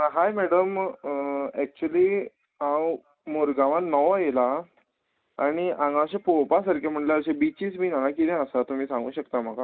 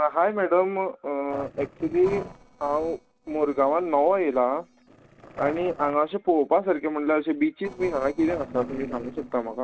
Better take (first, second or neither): first